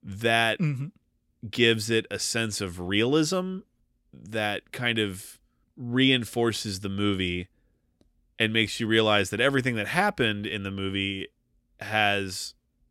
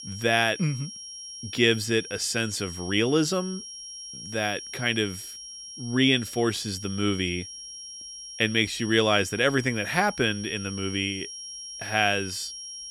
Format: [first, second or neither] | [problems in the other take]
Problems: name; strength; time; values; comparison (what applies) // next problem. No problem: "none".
first | high-pitched whine; noticeable; throughout; 5.5 kHz, 10 dB below the speech